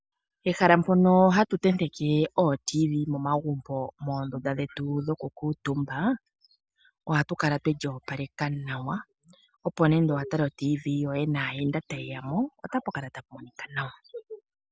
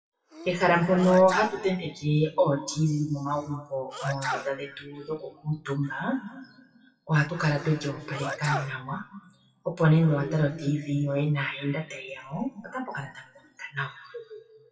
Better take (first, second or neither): first